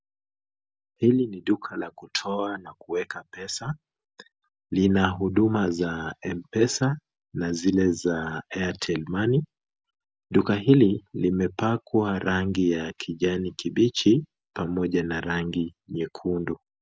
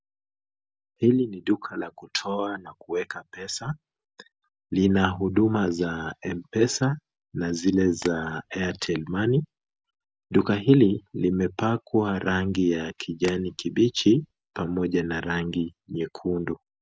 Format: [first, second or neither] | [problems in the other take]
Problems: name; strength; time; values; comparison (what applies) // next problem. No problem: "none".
first | background sound (Tap); 20 dB below the speech